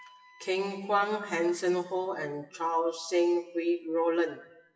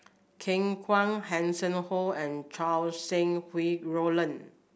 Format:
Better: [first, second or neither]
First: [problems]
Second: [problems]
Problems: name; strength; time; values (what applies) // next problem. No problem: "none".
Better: second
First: noise reduction (classical method WPE with log-MMSE)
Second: none